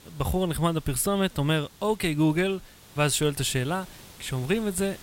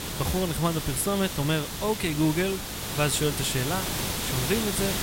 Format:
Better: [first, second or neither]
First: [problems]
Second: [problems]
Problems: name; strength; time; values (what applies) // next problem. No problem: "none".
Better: first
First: hiss; faint; throughout; 25 dB below the speech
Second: hiss; loud; throughout; 3 dB below the speech